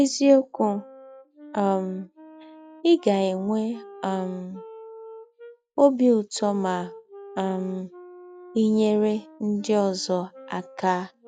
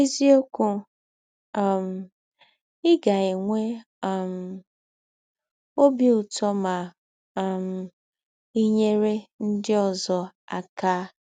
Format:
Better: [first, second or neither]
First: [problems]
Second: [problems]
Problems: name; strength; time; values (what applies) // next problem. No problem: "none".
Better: second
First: noise reduction (classical method log-MMSE)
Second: none